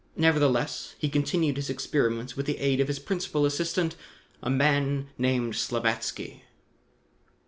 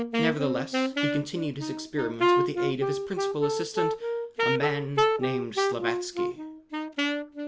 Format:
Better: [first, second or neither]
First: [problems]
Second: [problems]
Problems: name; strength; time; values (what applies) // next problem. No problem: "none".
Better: first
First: none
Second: background sound (Wind instrument, woodwind instrument); 5 dB above the speech